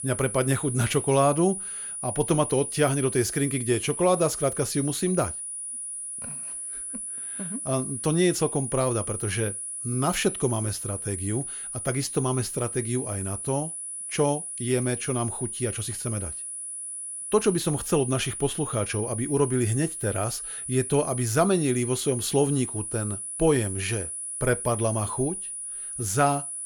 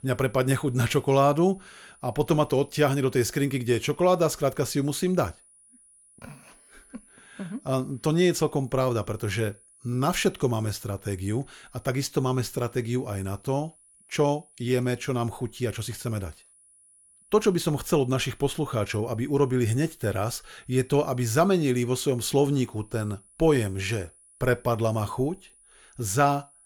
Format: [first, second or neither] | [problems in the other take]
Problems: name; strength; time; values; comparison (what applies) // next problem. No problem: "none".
second | high-pitched whine; loud; throughout; 9.5 kHz, 5 dB below the speech; faint in the second